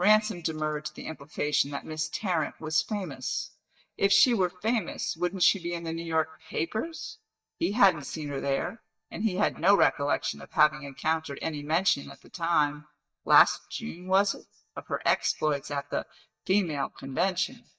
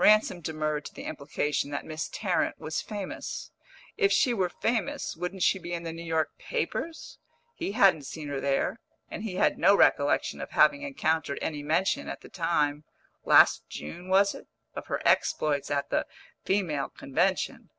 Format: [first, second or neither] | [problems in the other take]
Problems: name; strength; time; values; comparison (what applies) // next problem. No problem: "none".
second | noise reduction (neural mask model DeepFilterNet 3)